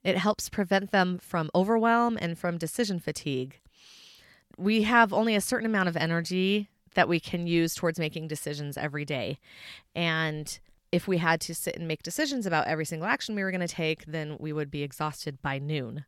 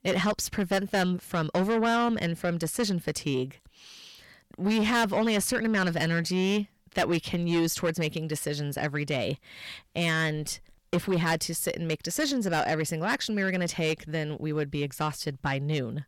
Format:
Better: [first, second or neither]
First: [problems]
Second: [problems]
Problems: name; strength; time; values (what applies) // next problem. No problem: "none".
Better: first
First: none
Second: distortion; heavy; 8 dB below the speech